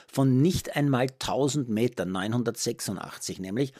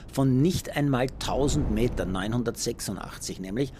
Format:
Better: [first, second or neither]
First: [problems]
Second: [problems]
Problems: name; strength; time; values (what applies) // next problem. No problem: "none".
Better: first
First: none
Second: wind noise on the microphone; occasional gusts; 15 dB below the speech